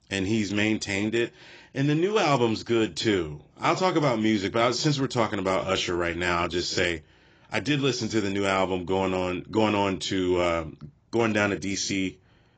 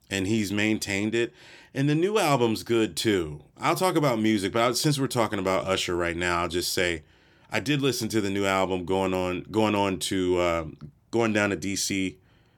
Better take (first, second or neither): second